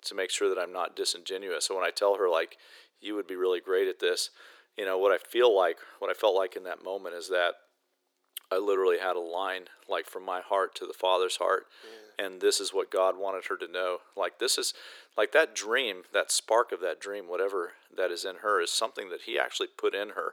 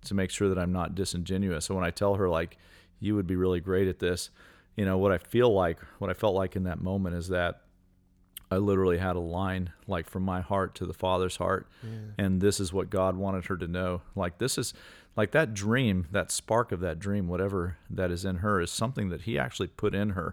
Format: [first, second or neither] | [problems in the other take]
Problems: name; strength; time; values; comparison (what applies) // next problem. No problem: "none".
second | thin; very; fading below 350 Hz